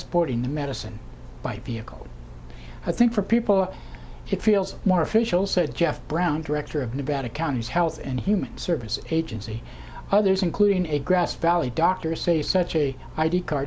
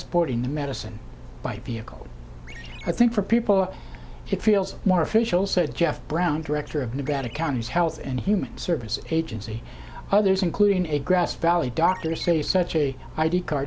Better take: first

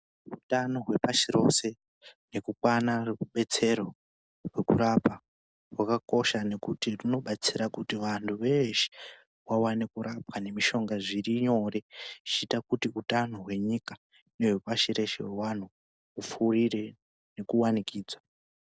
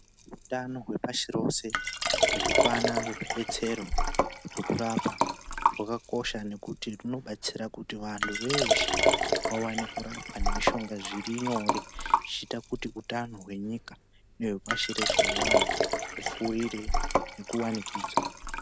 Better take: first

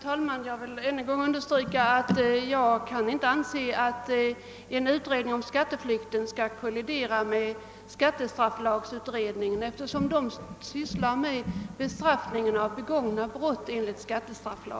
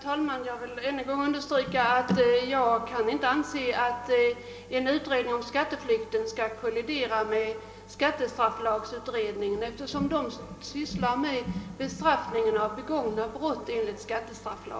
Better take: first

